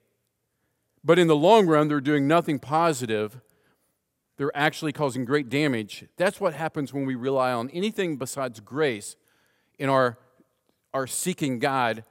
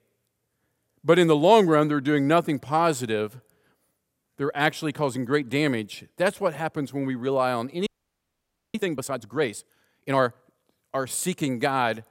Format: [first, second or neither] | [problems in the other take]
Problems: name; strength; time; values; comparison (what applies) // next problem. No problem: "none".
first | audio freezing; at 8 s for 1 s